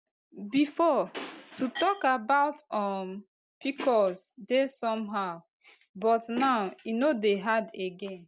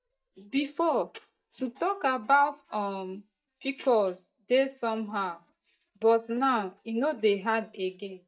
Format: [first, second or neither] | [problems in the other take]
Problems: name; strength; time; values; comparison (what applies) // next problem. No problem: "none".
first | noise reduction (neural mask model DeepFilterNet 3)